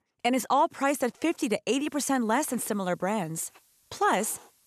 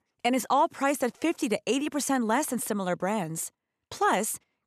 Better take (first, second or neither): second